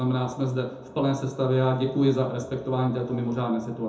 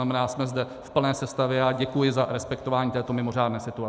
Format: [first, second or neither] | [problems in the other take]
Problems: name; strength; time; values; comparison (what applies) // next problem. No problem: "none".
second | room echo; dies away in 0.5 s